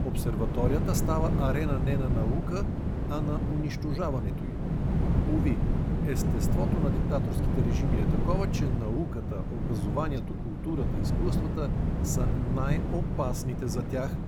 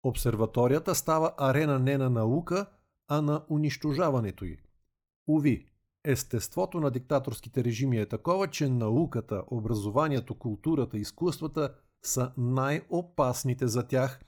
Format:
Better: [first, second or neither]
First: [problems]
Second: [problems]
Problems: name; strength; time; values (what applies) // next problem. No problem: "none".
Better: second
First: wind noise on the microphone; heavy; 2 dB below the speech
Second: none